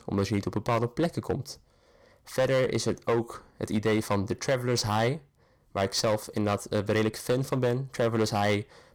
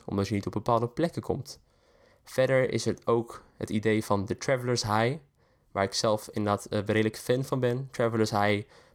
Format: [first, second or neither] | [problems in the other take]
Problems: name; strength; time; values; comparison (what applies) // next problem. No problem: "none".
second | distortion; slight; 9% of the sound clipped